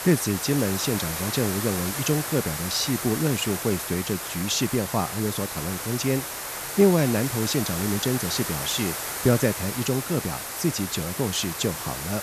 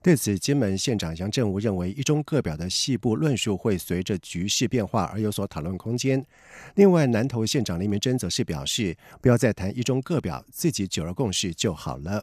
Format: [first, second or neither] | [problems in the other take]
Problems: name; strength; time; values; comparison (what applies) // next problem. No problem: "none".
second | hiss; loud; throughout; 4 dB below the speech